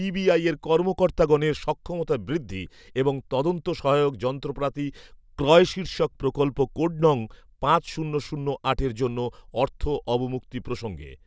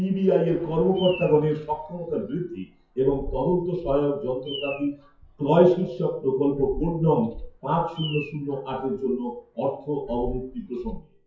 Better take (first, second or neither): first